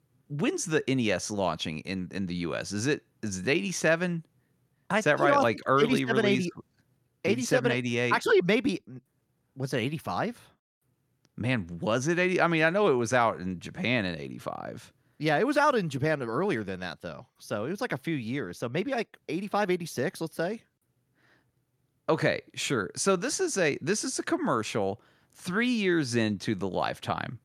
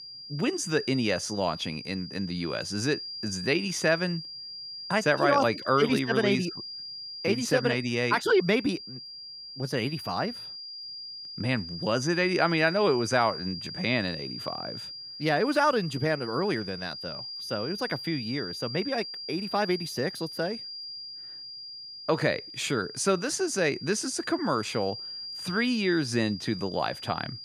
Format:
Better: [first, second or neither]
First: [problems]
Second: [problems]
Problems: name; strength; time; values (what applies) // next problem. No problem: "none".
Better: first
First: none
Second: high-pitched whine; loud; throughout; 5 kHz, 9 dB below the speech